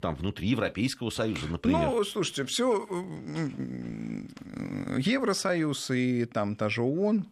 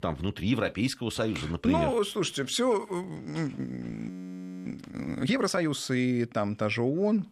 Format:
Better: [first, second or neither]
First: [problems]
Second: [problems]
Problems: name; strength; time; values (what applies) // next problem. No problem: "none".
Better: first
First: none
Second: audio freezing; at 4 s for 0.5 s